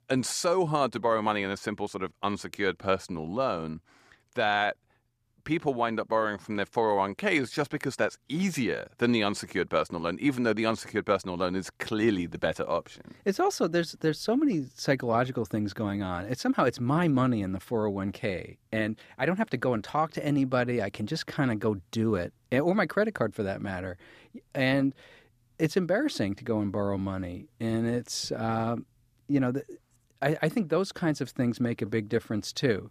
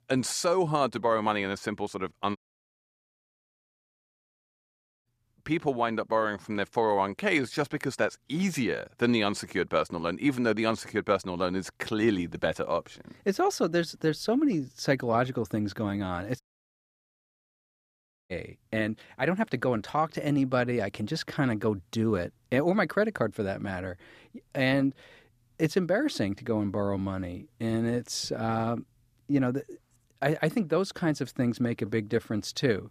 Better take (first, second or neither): first